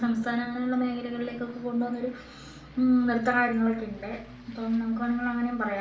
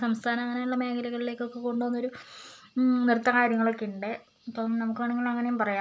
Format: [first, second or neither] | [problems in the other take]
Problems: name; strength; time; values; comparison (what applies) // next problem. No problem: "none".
second | background sound (Aircraft); 19 dB below the speech // room echo; dies away in 0.4 s